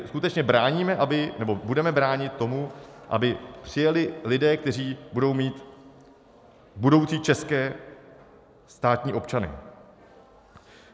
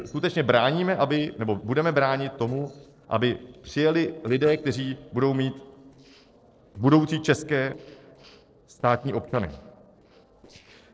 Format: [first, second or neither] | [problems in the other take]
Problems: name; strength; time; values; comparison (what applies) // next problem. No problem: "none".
first | noise reduction (neural separator model SepFormer DNS4)